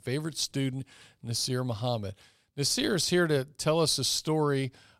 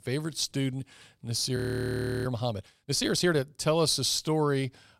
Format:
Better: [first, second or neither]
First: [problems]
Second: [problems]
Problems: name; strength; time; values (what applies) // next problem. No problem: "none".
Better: first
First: none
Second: audio freezing; at 1.5 s for 0.5 s